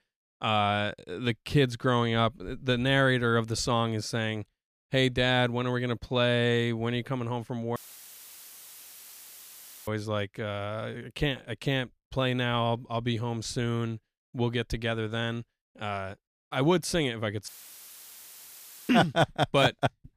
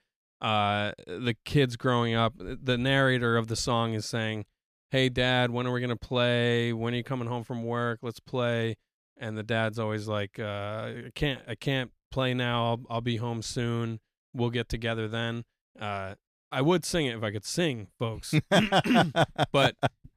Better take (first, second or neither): second